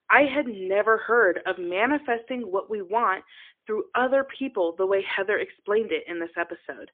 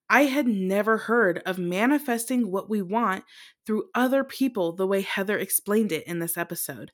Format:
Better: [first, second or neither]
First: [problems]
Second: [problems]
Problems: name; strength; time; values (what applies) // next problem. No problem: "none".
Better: second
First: phone-call audio; poor line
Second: none